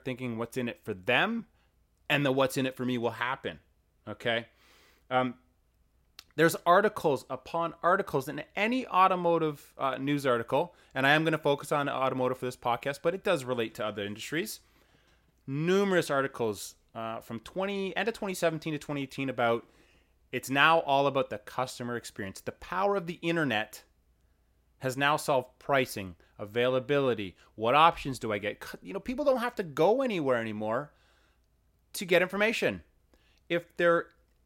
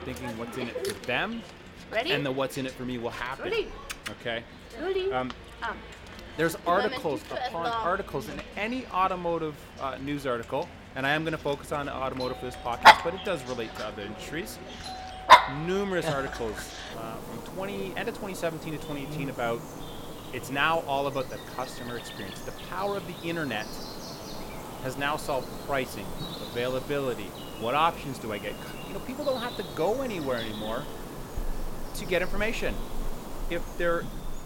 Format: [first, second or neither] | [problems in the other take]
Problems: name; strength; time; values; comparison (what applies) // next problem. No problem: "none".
first | animal sounds; very loud; throughout; 1 dB above the speech